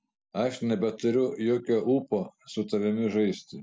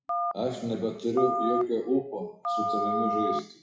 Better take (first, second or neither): first